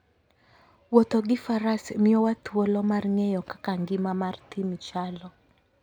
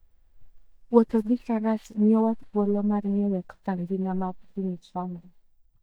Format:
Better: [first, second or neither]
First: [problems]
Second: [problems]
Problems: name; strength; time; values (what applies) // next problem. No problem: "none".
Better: first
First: none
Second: noise reduction (neural mask model DeepFilterNet 3)